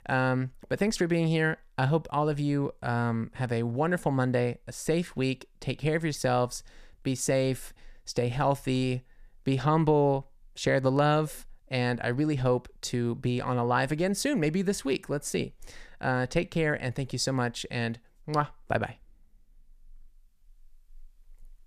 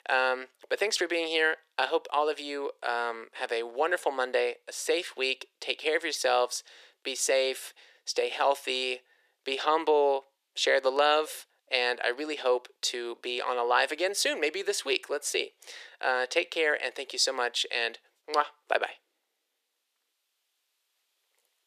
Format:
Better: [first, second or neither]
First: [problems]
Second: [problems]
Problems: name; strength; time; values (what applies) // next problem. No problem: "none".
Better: first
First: none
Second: thin; very; fading below 400 Hz